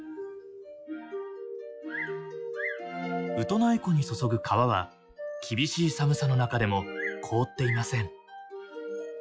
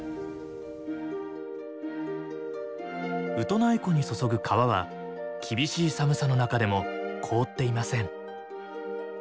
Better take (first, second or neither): second